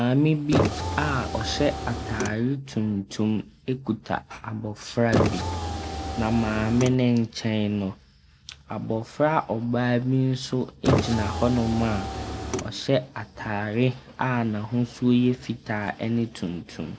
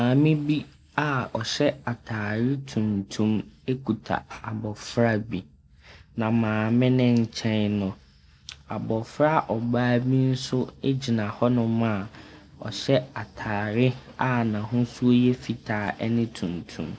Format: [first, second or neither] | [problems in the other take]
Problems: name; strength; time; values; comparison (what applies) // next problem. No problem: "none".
second | background sound (Car); 2 dB below the speech